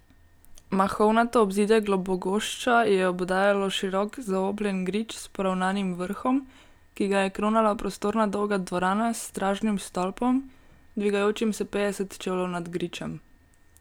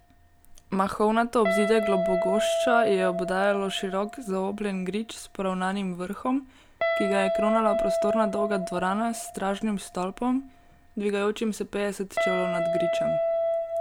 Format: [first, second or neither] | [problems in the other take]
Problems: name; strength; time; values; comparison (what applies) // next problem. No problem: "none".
first | background sound (Guitar); 2 dB below the speech